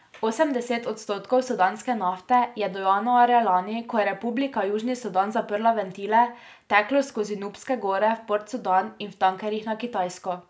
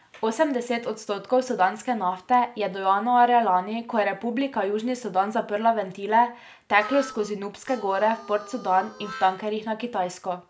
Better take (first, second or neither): first